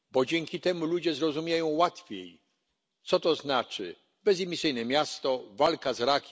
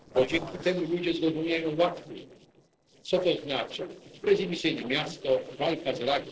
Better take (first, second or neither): first